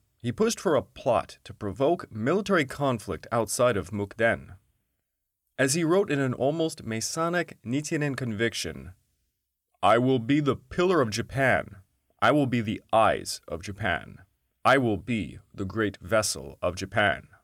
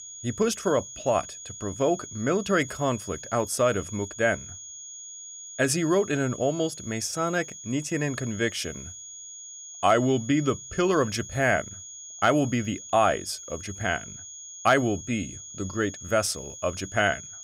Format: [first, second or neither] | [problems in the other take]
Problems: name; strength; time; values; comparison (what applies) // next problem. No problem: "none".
first | high-pitched whine; noticeable; throughout; 6.5 kHz, 15 dB below the speech